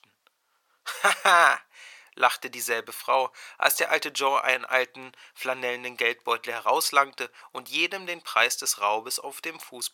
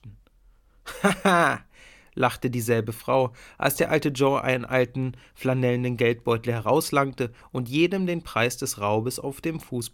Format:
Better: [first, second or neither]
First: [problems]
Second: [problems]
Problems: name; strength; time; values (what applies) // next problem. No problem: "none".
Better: second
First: thin; very; fading below 950 Hz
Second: none